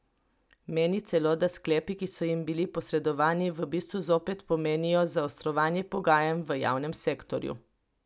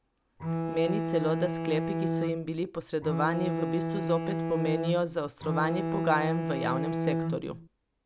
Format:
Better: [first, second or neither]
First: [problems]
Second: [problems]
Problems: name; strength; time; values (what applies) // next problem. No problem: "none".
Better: first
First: none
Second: background sound (Bowed string instrument); as loud as the speech